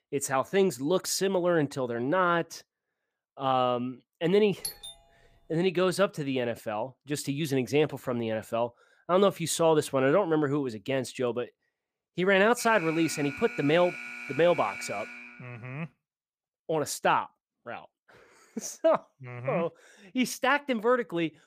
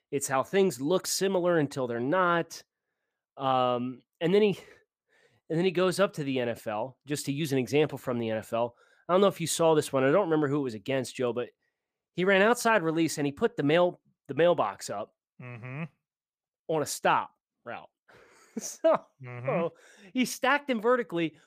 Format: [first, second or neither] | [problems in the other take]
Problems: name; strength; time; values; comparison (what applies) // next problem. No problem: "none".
second | doorbell; noticeable; at 4.5 s; peak 9 dB below the speech // alarm; noticeable; from 13 to 16 s; peak 10 dB below the speech